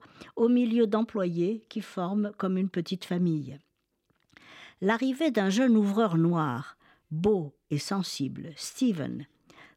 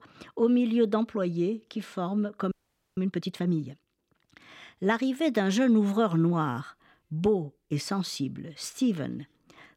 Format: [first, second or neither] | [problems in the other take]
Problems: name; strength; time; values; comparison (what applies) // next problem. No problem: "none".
first | audio freezing; at 2.5 s